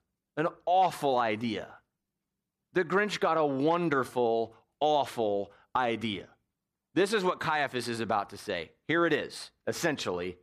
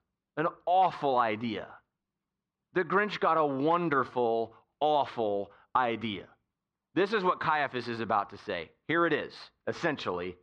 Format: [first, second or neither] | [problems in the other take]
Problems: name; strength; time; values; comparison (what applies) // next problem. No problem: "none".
first | muffled; slightly; fading above 4 kHz